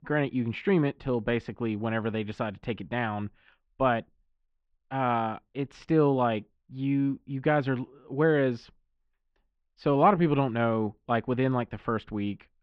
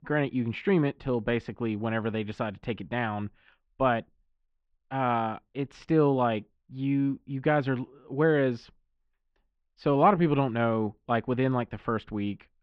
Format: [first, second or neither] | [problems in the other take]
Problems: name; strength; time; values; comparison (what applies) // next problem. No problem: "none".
neither | muffled; very; fading above 3.5 kHz; the same in both